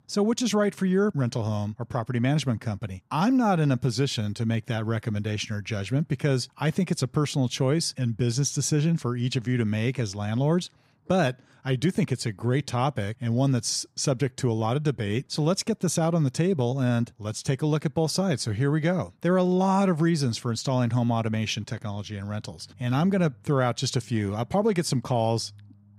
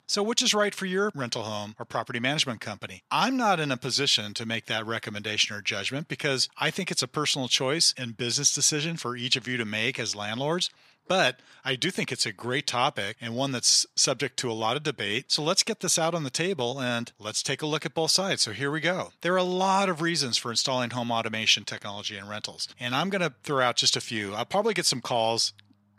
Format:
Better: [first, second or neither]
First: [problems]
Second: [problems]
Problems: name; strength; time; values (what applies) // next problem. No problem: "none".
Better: first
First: none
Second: thin; somewhat; fading below 750 Hz